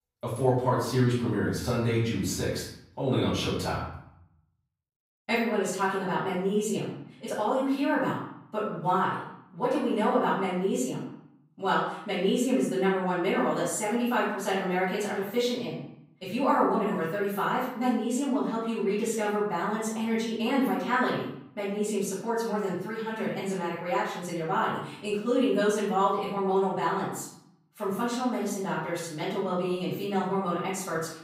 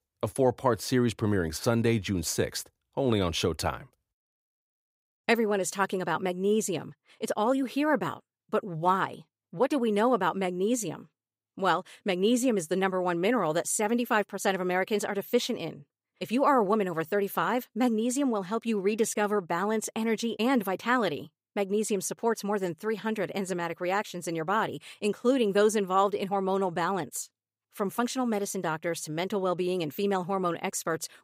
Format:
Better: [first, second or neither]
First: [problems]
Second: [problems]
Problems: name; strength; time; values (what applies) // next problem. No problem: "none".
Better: second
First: off-mic speech; far // room echo; noticeable; dies away in 0.7 s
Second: none